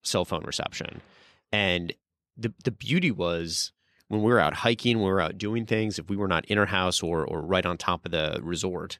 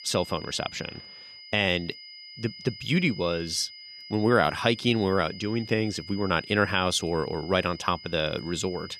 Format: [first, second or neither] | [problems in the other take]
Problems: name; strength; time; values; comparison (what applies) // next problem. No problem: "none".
first | high-pitched whine; noticeable; throughout; 5 kHz, 15 dB below the speech